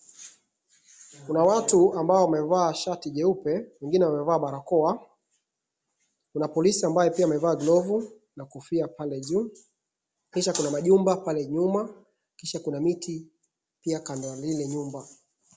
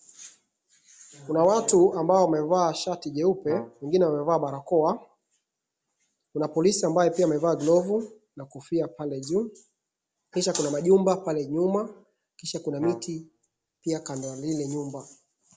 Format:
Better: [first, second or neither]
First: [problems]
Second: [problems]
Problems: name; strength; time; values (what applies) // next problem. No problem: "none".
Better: first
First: none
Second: background sound (Brass instrument); 16 dB below the speech